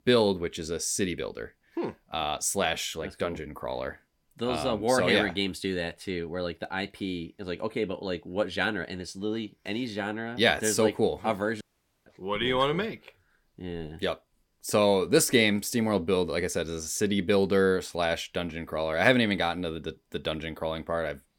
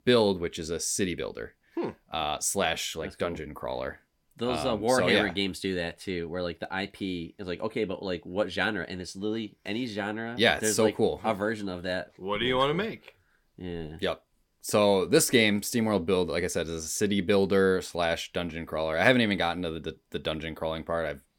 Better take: second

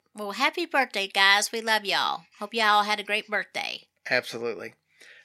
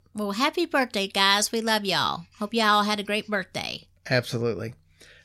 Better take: second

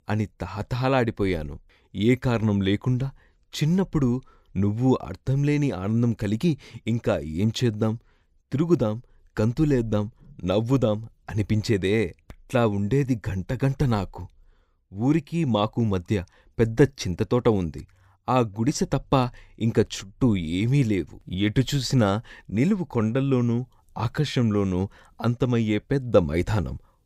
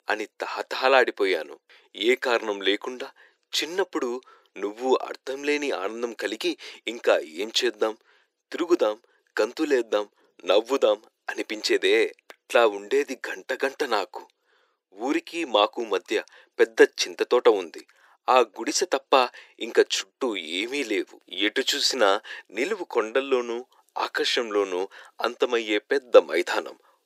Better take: first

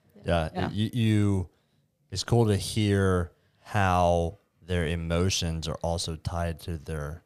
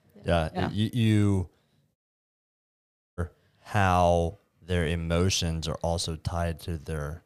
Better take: first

